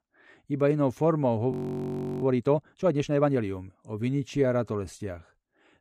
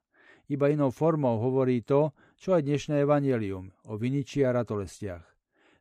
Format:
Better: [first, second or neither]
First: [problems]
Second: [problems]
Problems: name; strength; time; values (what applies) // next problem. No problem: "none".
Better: second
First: audio freezing; at 1.5 s for 0.5 s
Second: none